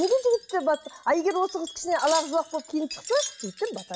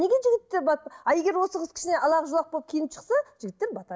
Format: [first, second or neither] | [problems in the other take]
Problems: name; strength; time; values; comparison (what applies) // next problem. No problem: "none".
second | background sound (Wind chime); 13 dB below the speech